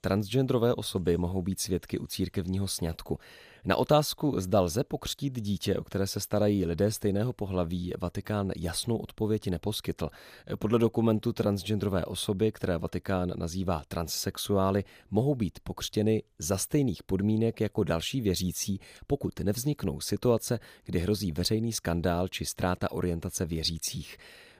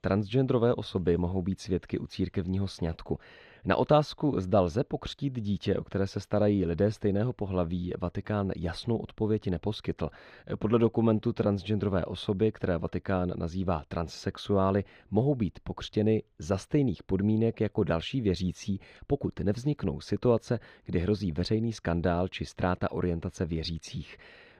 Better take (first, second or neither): first